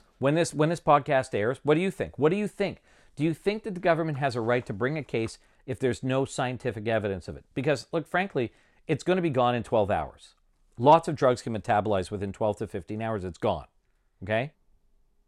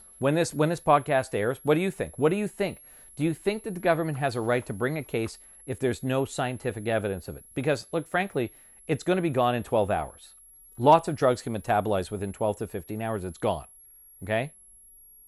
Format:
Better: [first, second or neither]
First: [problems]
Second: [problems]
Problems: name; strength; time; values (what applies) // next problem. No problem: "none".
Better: first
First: none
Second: high-pitched whine; faint; throughout; 11.5 kHz, 20 dB below the speech